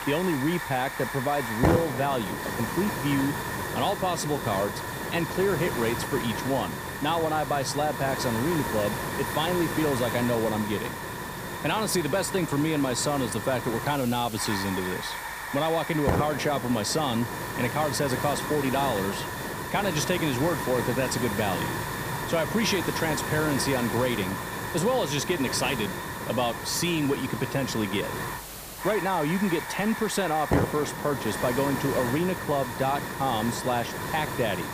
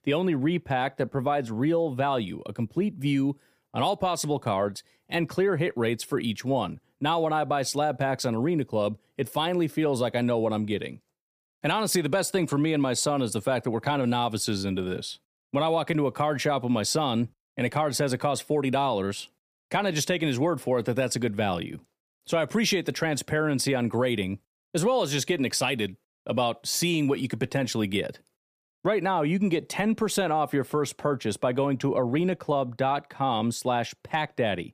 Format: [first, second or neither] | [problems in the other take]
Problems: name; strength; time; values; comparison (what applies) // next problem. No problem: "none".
second | hiss; loud; throughout; 4 dB below the speech